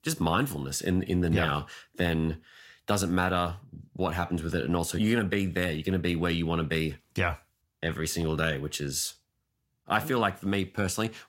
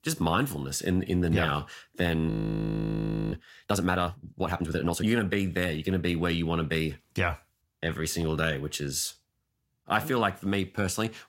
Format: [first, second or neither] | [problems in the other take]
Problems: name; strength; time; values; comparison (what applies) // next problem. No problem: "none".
first | audio freezing; at 2.5 s for 1 s